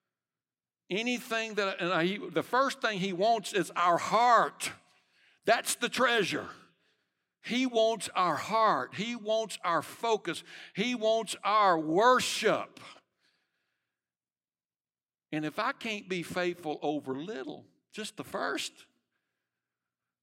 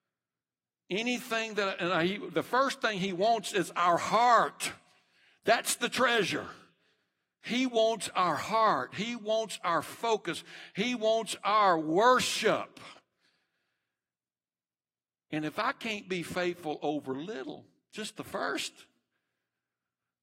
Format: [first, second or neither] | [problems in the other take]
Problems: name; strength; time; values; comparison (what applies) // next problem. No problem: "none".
first | garbled, watery; slightly; nothing above 16 kHz